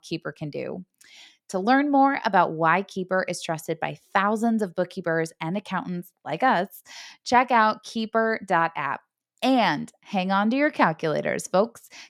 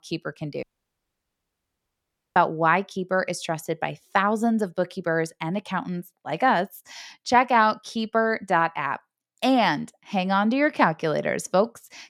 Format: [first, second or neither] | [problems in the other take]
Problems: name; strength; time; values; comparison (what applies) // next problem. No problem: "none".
first | audio cutting out; at 0.5 s for 1.5 s